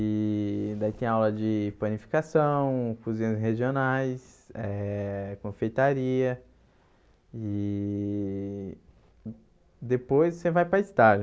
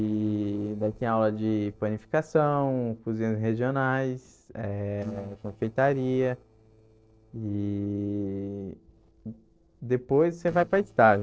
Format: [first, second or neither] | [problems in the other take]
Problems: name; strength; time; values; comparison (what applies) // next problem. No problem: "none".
first | noise reduction (neural separator model SepFormer DNS4)